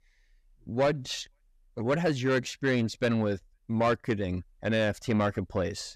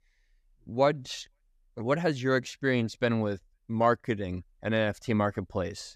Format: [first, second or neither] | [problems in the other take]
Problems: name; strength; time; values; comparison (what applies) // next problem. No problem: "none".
second | distortion; slight; 10 dB below the speech